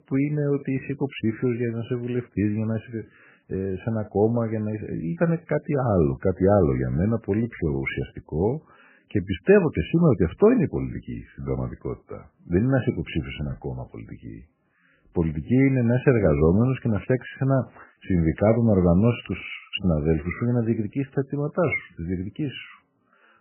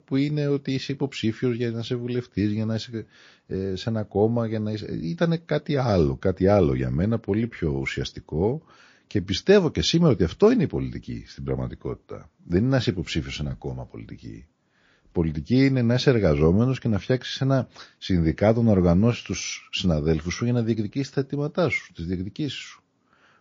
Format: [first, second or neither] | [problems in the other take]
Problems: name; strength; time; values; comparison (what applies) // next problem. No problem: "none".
second | garbled, watery; badly; nothing above 3 kHz; slightly in the second